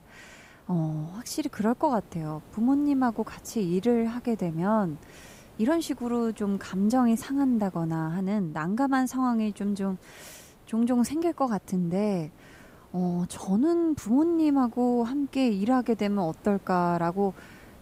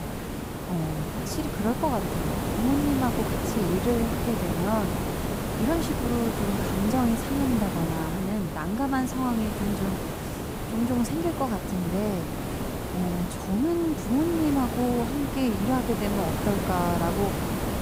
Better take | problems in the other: first | hiss; loud; throughout; 2 dB below the speech; faint in the first

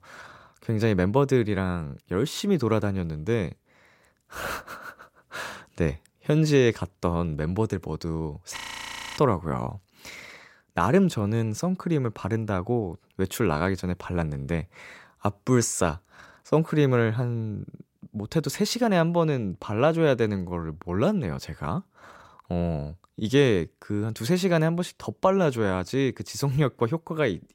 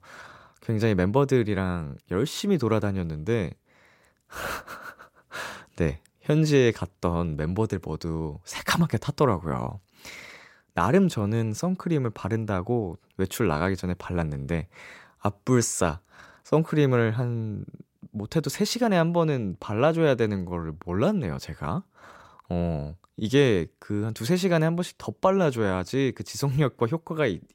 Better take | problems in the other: second | audio freezing; at 8.5 s for 0.5 s

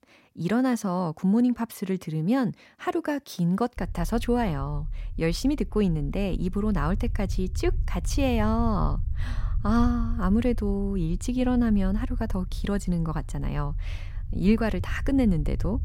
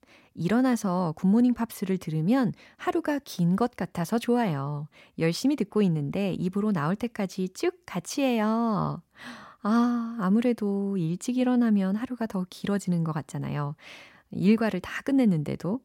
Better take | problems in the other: second | low rumble; faint; from 4 s on; 20 dB below the speech

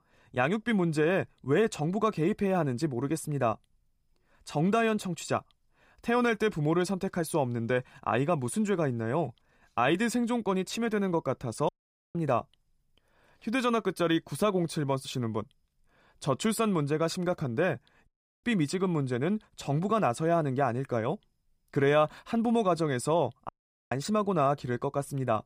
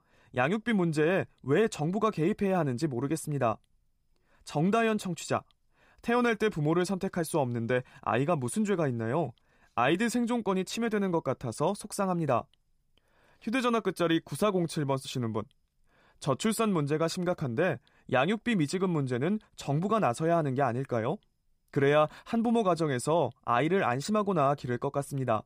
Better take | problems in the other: second | audio cutting out; at 12 s, at 18 s and at 23 s

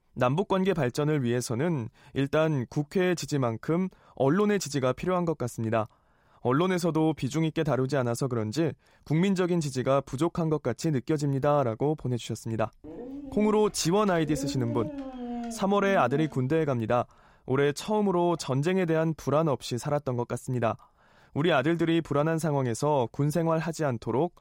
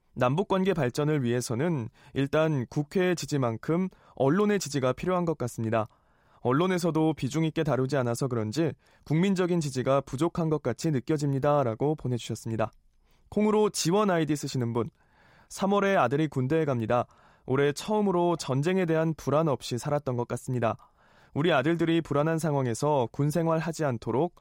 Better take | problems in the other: second | dog barking; noticeable; from 13 to 16 s; peak 7 dB below the speech

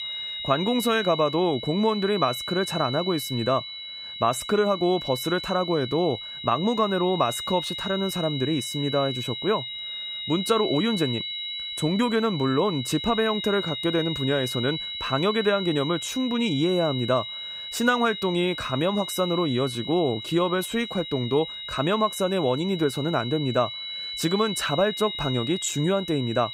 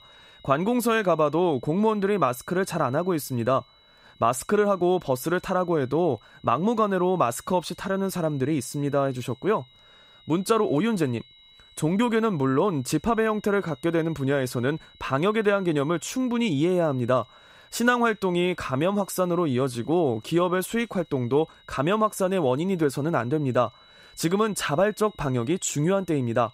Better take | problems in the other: second | high-pitched whine; loud; throughout; 4 kHz, 6 dB below the speech; faint in the second

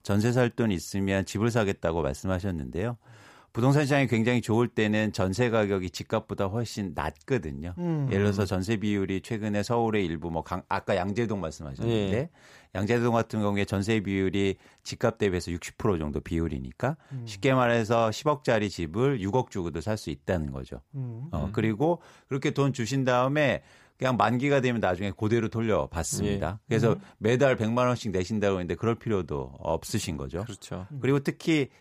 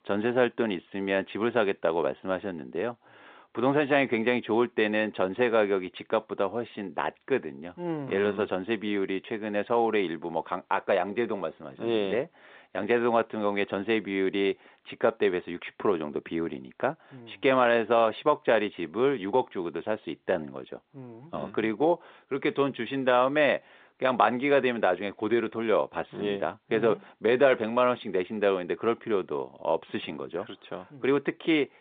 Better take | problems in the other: first | phone-call audio; nothing above 3.5 kHz

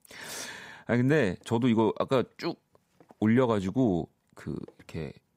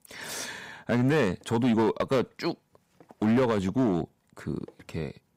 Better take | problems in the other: first | distortion; slight; 6% of the sound clipped

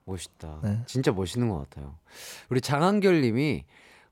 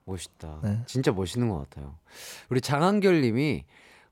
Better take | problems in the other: neither | none

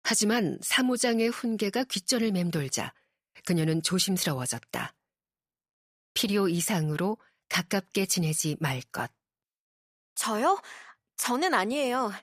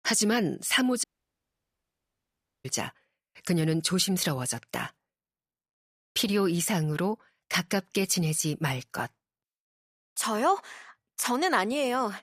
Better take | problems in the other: first | audio cutting out; at 1 s for 1.5 s

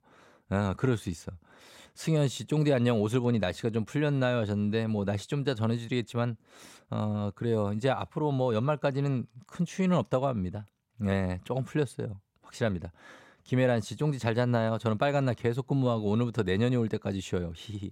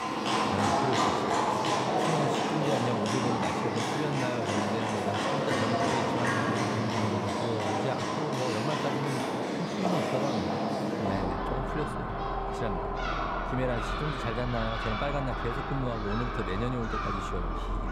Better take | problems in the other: first | animal sounds; very loud; throughout; 5 dB above the speech

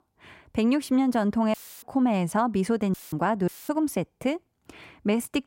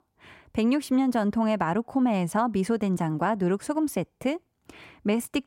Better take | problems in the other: second | audio cutting out; filled with static; at 1.5 s, at 3 s and at 3.5 s

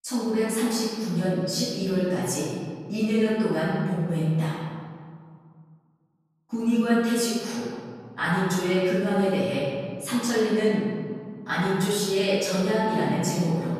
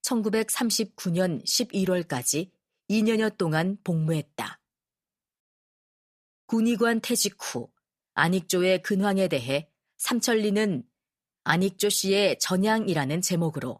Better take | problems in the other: second | off-mic speech; far // room echo; strong; dies away in 1.9 s

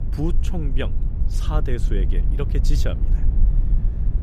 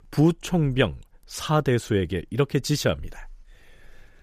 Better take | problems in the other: second | low rumble; loud; throughout; 8 dB below the speech

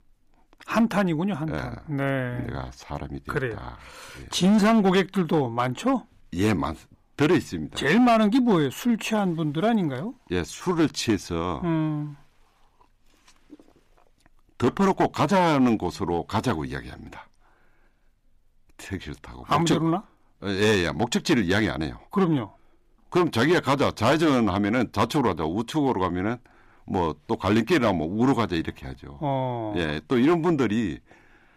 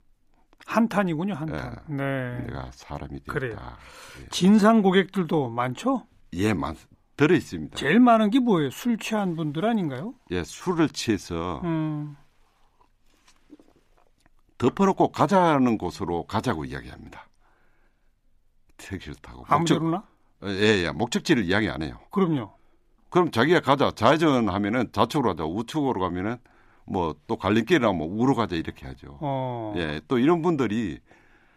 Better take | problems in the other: second | distortion; slight; 4% of the sound clipped

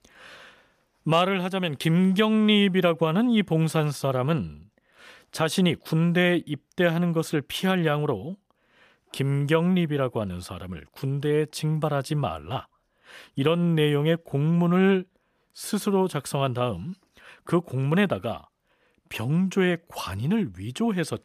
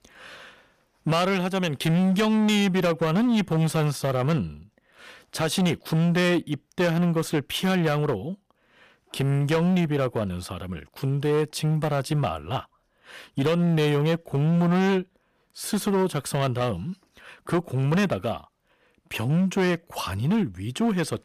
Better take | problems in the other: first | distortion; slight; 12% of the sound clipped

